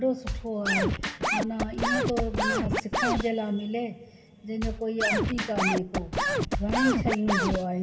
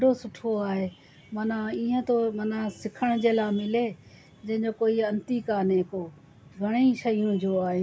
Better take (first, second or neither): second